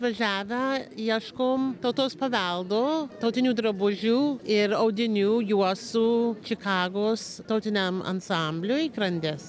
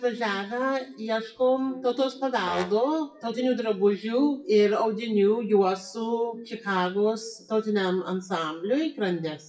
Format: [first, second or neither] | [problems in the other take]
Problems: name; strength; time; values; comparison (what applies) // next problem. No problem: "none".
first | noise reduction (classical method WPE with log-MMSE)